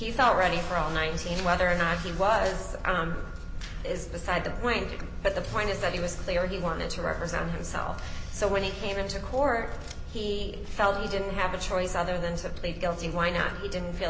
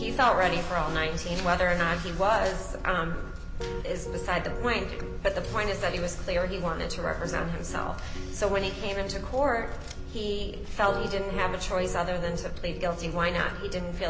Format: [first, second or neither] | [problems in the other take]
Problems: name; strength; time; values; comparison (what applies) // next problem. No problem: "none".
first | background sound (Piano); 14 dB below the speech